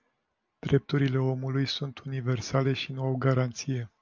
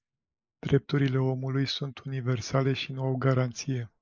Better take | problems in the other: first | noise reduction (neural mask model Resemble Enhance denoiser)

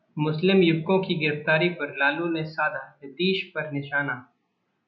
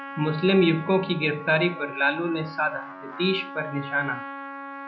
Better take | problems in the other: first | background sound (Trumpet); 12 dB below the speech

